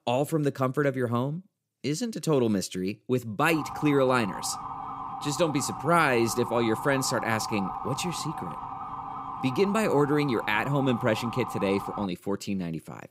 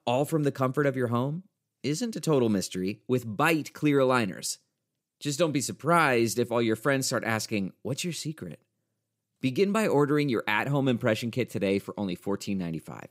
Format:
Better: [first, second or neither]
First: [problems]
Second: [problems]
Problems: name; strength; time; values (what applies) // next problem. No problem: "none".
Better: second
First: siren; noticeable; from 3.5 to 12 s; peak 7 dB below the speech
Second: none